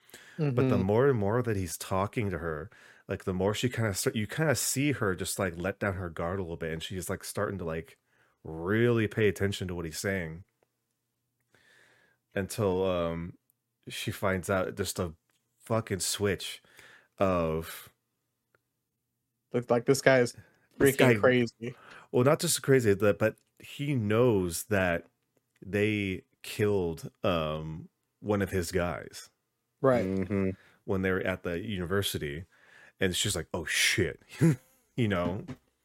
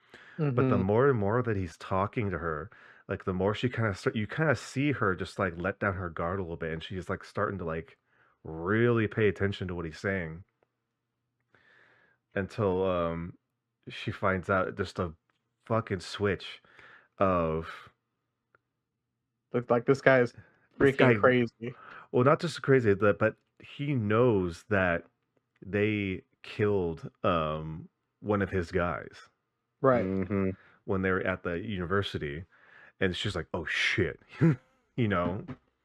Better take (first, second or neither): first